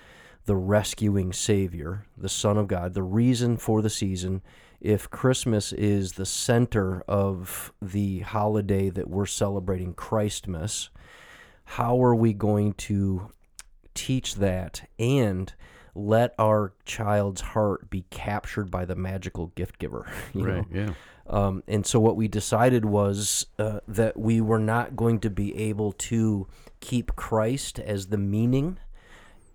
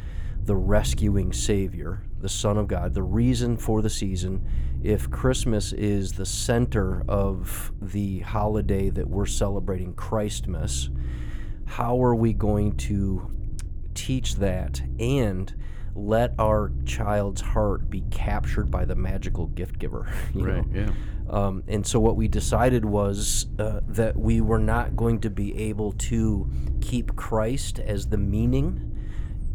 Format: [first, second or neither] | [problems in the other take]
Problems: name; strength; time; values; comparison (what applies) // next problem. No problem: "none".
first | low rumble; noticeable; throughout; 20 dB below the speech